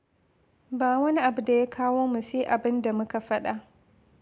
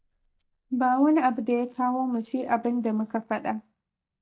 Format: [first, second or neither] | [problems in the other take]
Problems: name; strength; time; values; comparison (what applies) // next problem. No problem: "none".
first | noise reduction (neural mask model DeepFilterNet 3)